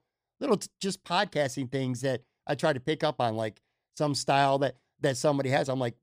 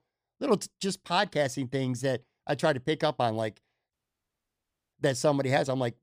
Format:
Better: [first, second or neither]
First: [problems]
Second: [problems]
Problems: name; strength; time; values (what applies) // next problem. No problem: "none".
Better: first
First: none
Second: audio cutting out; at 4 s for 1 s